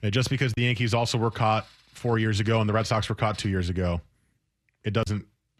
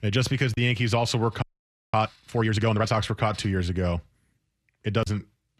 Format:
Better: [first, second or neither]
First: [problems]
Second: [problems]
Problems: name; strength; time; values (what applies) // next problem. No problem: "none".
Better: first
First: none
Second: audio freezing; at 1.5 s for 0.5 s